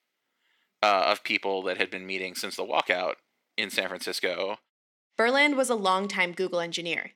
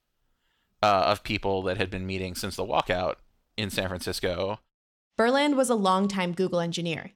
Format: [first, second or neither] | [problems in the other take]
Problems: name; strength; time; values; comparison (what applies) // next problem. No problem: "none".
second | thin; very slightly; fading below 250 Hz